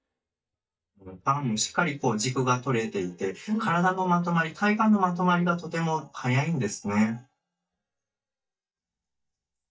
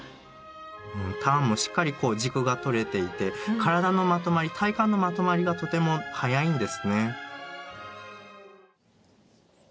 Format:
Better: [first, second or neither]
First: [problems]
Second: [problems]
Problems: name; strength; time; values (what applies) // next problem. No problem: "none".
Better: second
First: noise reduction (neural mask model DeepFilterNet 3)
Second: none